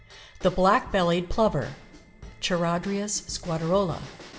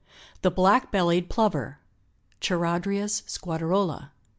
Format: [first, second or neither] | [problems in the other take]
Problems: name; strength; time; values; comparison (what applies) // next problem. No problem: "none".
second | background sound (Bell / Drum / Drum kit); 19 dB below the speech // room echo; dies away in 1.1 s